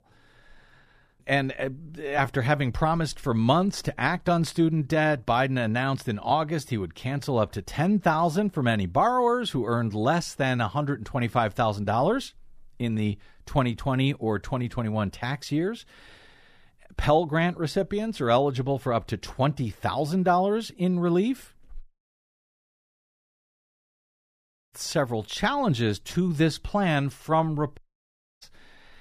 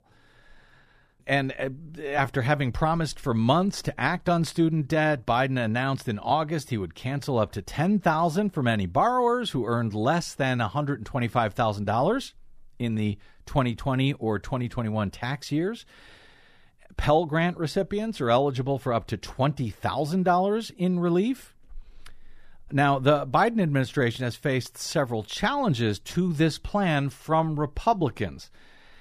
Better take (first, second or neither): second